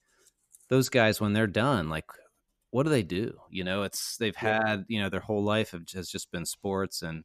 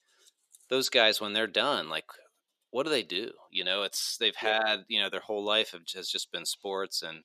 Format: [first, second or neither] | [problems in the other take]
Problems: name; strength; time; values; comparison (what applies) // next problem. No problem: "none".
first | thin; somewhat; fading below 450 Hz